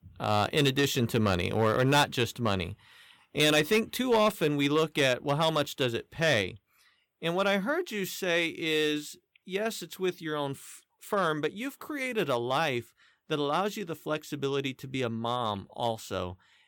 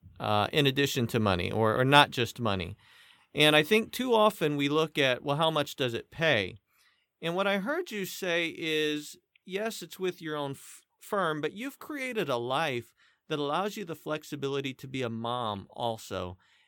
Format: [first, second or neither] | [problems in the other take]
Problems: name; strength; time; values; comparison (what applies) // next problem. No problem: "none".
second | distortion; slight; 2% of the sound clipped